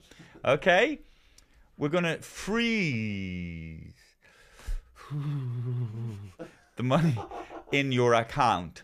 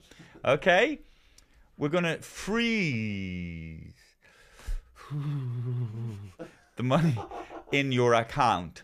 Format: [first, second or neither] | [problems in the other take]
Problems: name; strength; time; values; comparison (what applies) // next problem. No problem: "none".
neither | none